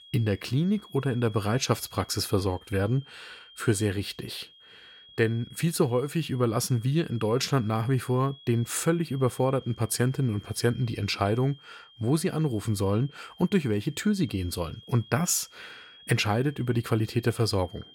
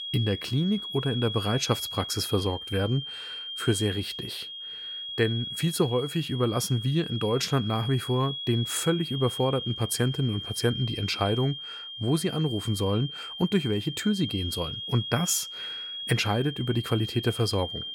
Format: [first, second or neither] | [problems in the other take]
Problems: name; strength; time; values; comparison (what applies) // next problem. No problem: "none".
first | high-pitched whine; loud; throughout; 3.5 kHz, 7 dB below the speech; faint in the first